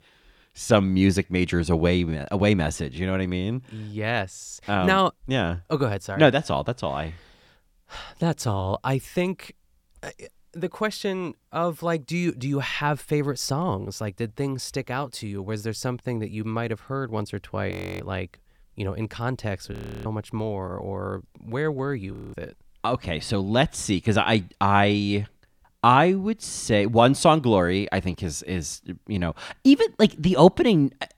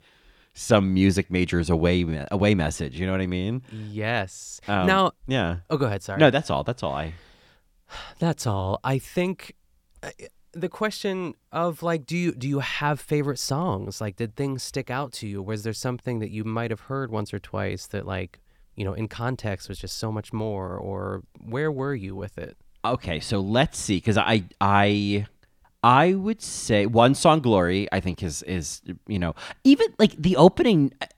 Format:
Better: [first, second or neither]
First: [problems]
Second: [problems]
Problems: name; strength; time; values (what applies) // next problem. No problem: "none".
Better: second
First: audio freezing; at 18 s, at 20 s and at 22 s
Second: none